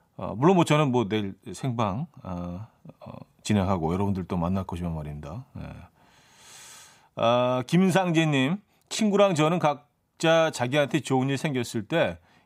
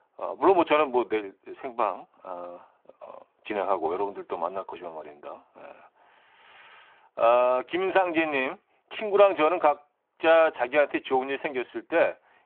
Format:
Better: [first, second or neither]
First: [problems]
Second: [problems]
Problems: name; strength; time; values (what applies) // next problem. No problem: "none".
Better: first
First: none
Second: phone-call audio